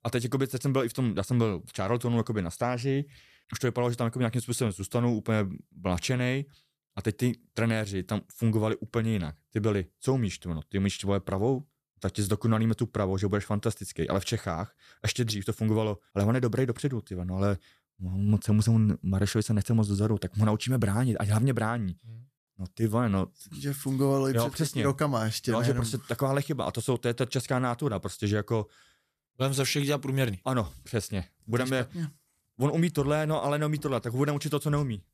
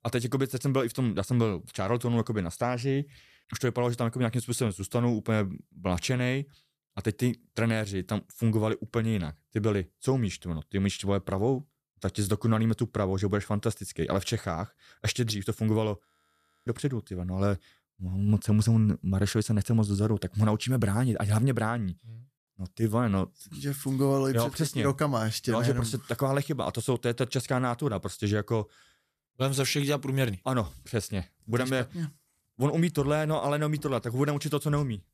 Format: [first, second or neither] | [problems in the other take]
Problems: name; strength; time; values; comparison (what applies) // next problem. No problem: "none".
first | audio freezing; at 16 s for 0.5 s